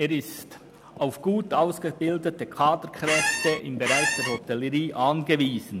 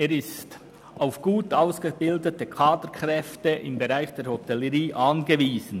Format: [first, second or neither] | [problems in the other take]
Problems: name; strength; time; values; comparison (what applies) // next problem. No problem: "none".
second | background sound (Squeak); as loud as the speech